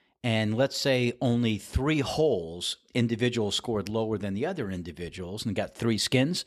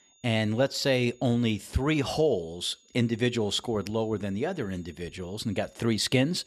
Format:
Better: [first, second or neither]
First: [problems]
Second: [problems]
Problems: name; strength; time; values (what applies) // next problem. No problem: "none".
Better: first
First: none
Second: high-pitched whine; faint; throughout; 6.5 kHz, 30 dB below the speech